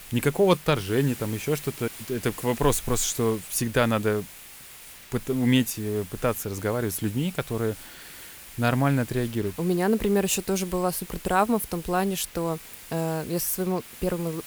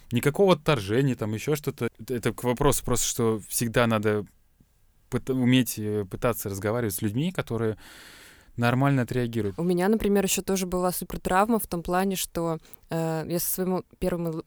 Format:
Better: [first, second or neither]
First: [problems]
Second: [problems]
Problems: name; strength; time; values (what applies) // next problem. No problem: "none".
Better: second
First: hiss; noticeable; throughout; 15 dB below the speech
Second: none